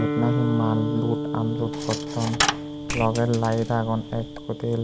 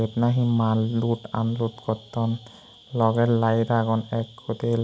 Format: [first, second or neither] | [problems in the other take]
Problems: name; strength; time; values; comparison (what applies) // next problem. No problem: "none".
second | background sound (Coin (dropping) + Guitar); 3 dB below the speech